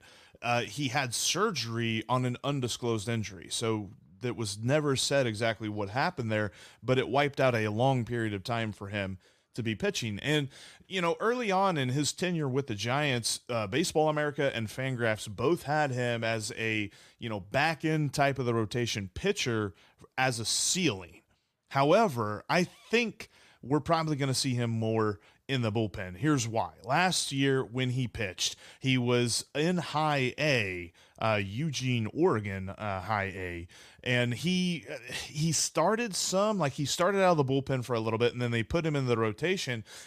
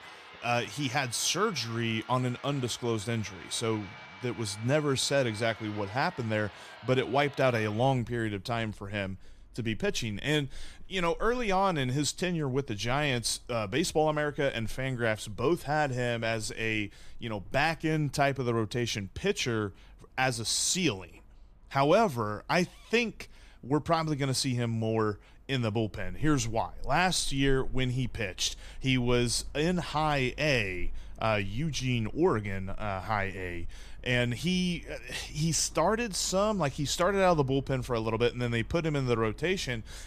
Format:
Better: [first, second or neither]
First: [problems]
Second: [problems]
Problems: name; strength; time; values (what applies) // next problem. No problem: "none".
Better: first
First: none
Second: machinery noise; faint; throughout; 20 dB below the speech